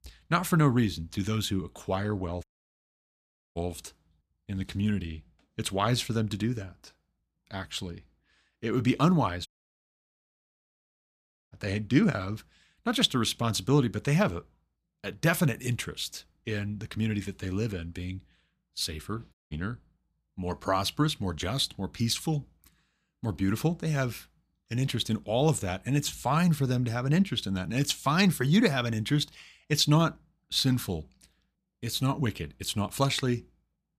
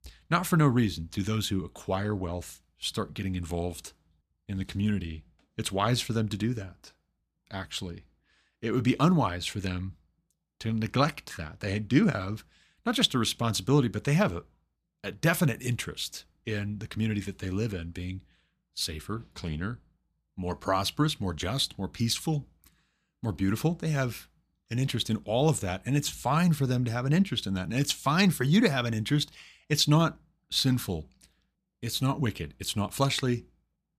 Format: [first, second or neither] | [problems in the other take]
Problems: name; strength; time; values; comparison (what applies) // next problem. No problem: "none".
second | audio cutting out; at 2.5 s for 1 s, at 9.5 s for 2 s and at 19 s